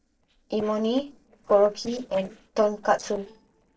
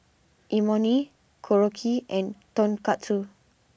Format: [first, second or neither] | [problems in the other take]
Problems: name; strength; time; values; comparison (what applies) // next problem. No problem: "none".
second | noise reduction (neural separator model SepFormer DNS4)